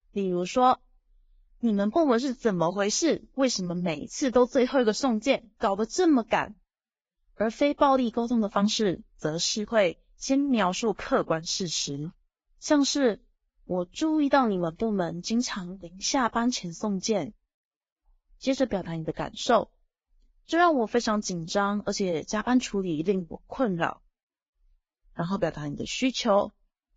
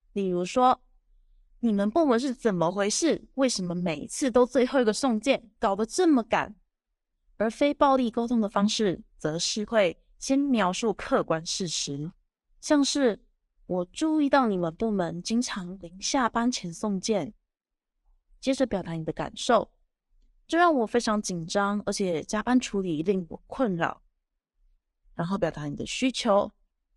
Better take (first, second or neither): second